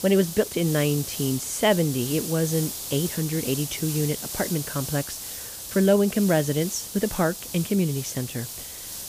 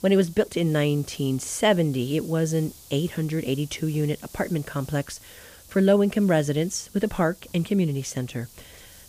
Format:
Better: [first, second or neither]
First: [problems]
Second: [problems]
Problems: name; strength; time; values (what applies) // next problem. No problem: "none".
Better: second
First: hiss; loud; throughout; 7 dB below the speech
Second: hiss; faint; throughout; 20 dB below the speech